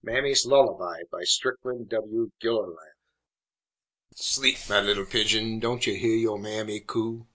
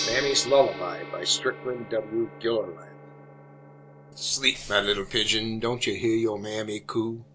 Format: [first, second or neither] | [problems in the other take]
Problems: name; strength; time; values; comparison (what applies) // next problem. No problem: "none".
first | background sound (Gong); 13 dB below the speech